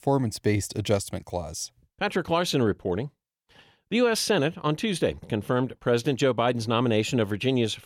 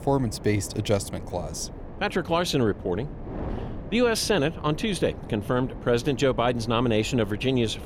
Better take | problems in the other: first | wind noise on the microphone; occasional gusts; 15 dB below the speech

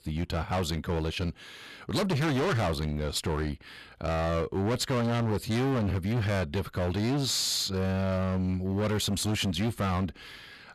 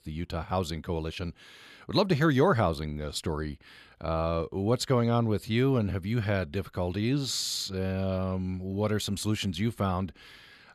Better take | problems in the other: second | distortion; heavy; 25% of the sound clipped

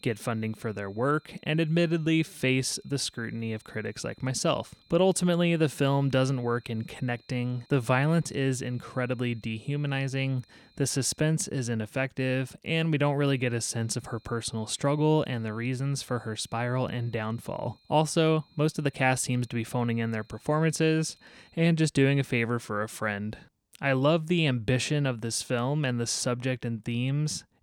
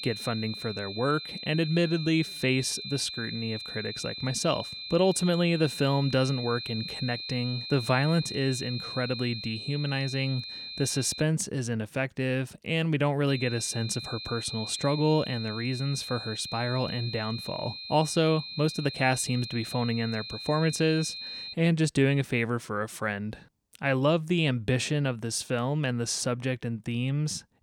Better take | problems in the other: first | high-pitched whine; loud; until 11 s and from 13 to 22 s; 4 kHz, 8 dB below the speech; faint in the first

